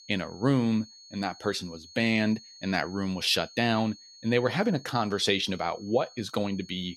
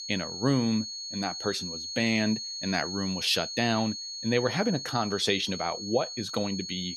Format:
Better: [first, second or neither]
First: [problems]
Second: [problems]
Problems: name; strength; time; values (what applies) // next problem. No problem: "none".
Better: first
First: high-pitched whine; faint; throughout; 4.5 kHz, 20 dB below the speech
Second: high-pitched whine; loud; throughout; 4.5 kHz, 6 dB below the speech